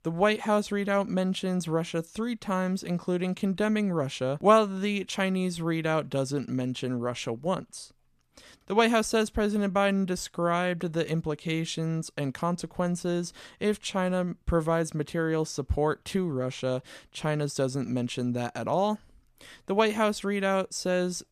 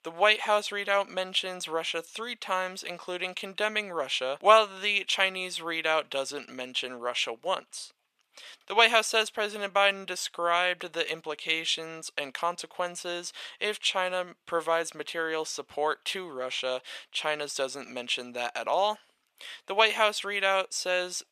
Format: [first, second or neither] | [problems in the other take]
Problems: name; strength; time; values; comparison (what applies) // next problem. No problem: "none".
first | thin; very; fading below 700 Hz